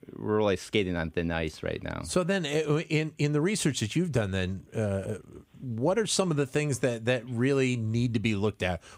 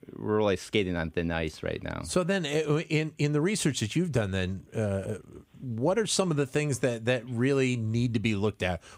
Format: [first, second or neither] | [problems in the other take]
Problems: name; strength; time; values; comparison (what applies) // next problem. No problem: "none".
neither | none